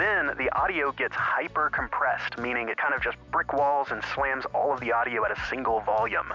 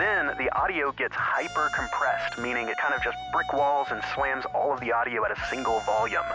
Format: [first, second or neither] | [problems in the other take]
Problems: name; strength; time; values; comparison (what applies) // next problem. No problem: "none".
first | background sound (Wind instrument, woodwind instrument); 11 dB below the speech